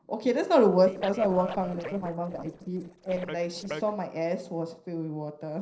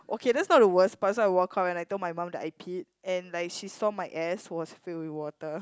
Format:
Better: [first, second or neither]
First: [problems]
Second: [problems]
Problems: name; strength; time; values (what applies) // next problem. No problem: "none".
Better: second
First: noise reduction (neural separator model SepFormer DNS4)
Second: none